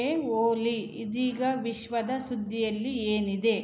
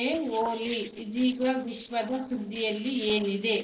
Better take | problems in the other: first | noise reduction (neural separator model SepFormer DNS4)

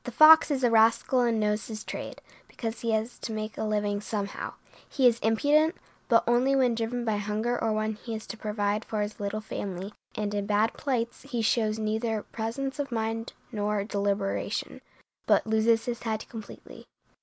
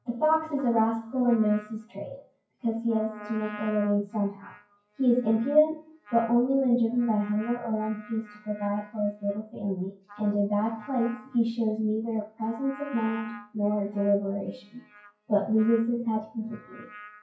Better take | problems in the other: first | noise reduction (classical method WPE with log-MMSE)

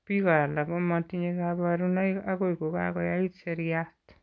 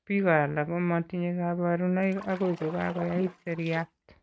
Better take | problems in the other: first | noise reduction (neural mask model RNNoise)

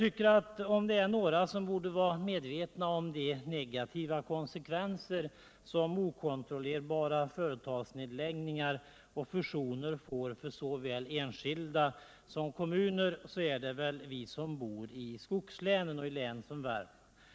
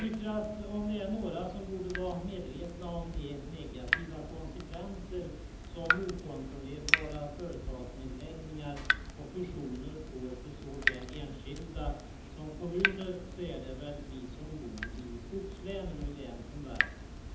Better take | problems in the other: first | background sound (Drip / Water tap, faucet); 2 dB above the speech // room echo; dies away in 0.8 s

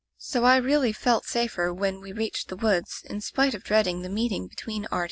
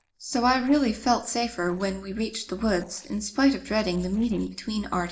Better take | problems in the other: first | noise reduction (neural separator model SepFormer DNS4)

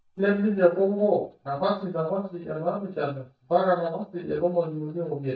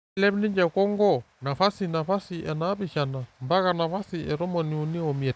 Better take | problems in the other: second | noise reduction (neural mask model DeepFilterNet 3)

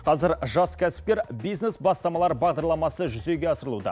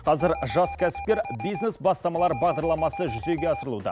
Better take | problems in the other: first | background sound (Alarm); 10 dB below the speech

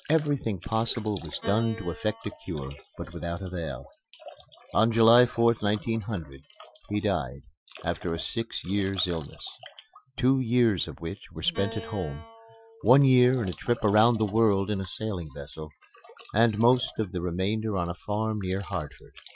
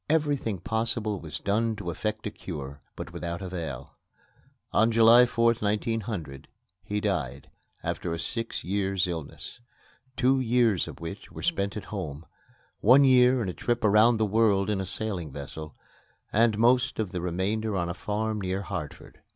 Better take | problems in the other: second | noise reduction (classical method Wiener filter)

